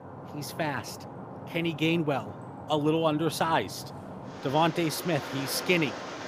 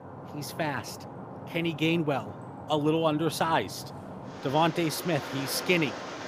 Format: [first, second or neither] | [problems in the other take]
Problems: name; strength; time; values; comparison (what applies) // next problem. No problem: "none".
neither | rain or running water; noticeable; throughout; 10 dB below the speech; the same in both